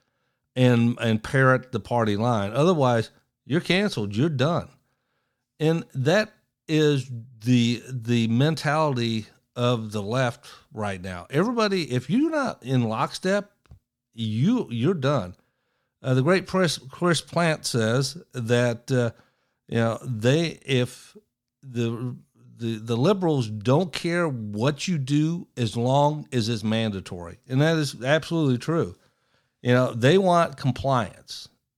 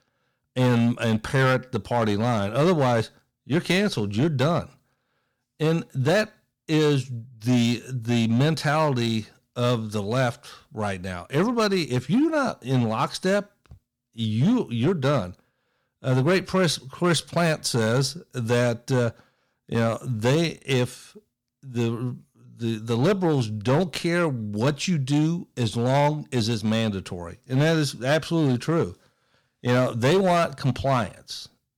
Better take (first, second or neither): first